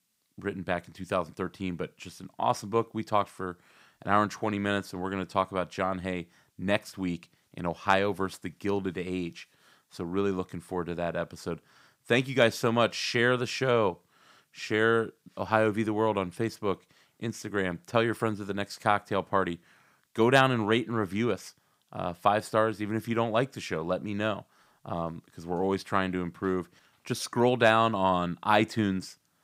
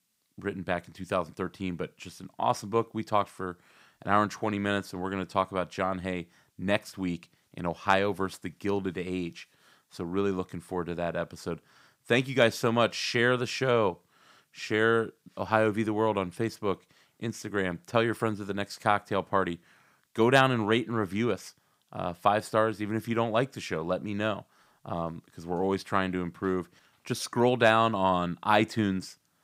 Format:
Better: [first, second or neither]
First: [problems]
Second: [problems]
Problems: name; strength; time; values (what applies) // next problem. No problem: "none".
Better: neither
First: none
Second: none